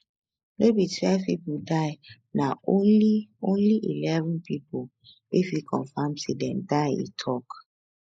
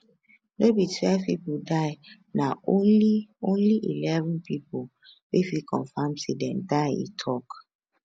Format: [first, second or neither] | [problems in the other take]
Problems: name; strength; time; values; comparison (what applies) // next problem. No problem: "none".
second | noise reduction (neural mask model Resemble Enhance denoiser)